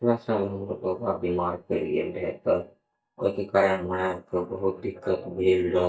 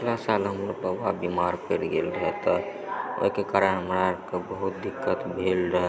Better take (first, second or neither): second